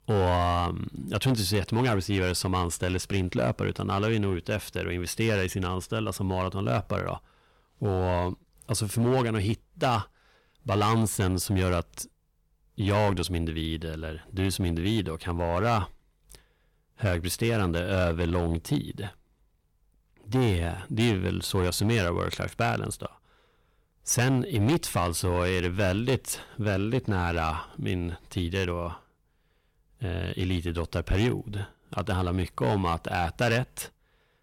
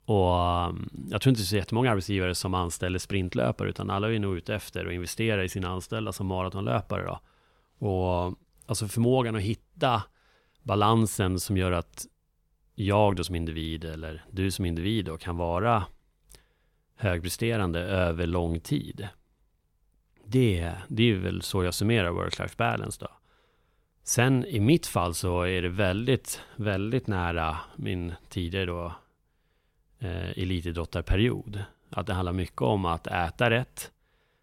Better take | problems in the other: second | distortion; slight; 5% of the sound clipped

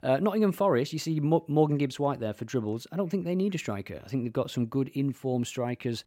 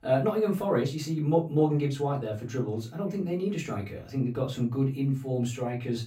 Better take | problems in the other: first | off-mic speech; far // room echo; very slight; dies away in 0.3 s

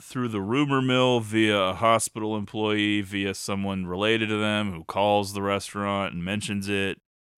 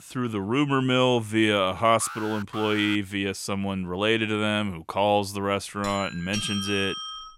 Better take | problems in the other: first | alarm; faint; at 2 s; peak 10 dB below the speech // doorbell; noticeable; from 6 s on; peak 5 dB below the speech

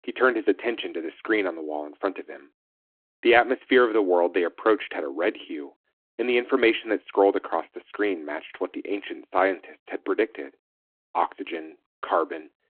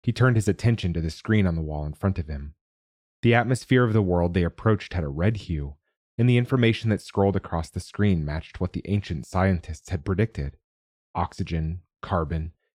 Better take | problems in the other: second | phone-call audio

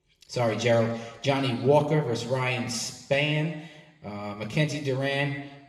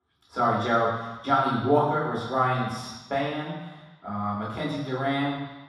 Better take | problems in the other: first | room echo; strong; dies away in 1.2 s; slight in the first // off-mic speech; far

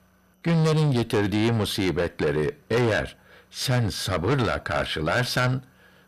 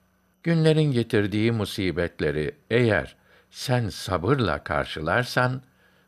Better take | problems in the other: second | distortion; heavy; 6 dB below the speech

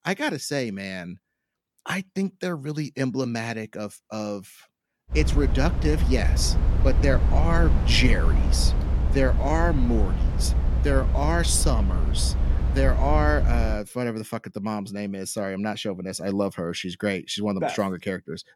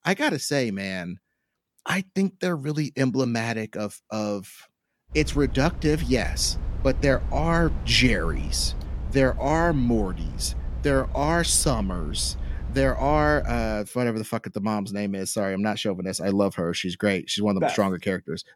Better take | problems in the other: second | low rumble; loud; from 5 to 14 s; 9 dB below the speech; faint in the second

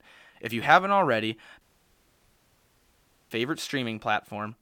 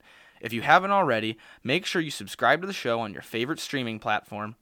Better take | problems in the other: second | audio cutting out; at 1.5 s for 1.5 s

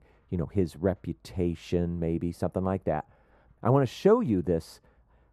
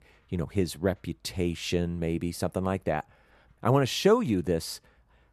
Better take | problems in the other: second | muffled; slightly; fading above 1.5 kHz

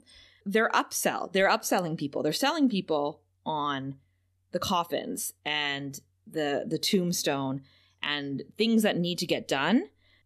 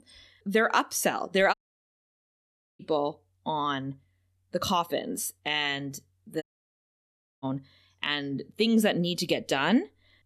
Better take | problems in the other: first | audio cutting out; at 1.5 s for 1.5 s and at 6.5 s for 1 s

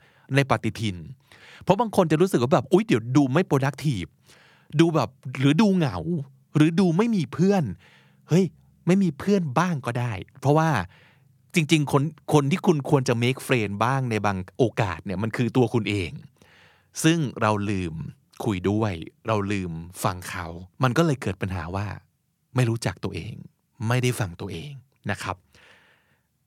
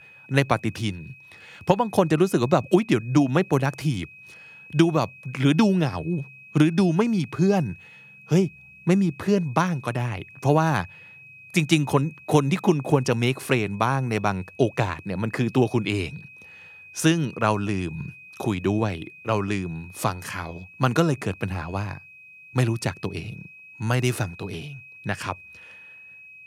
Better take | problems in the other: first | high-pitched whine; faint; throughout; 2.5 kHz, 20 dB below the speech

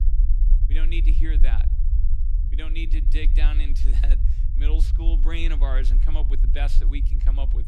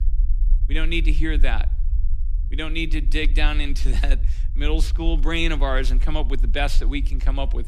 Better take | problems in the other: second | low rumble; loud; throughout; 9 dB below the speech; faint in the second

